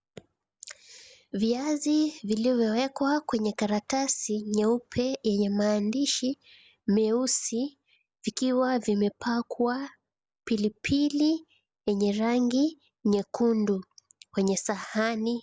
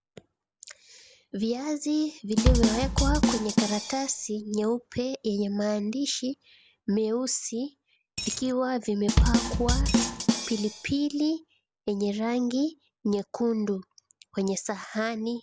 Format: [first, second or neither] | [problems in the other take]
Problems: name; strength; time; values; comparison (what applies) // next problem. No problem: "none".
first | background sound (Drum kit + Coin (dropping)); 4 dB above the speech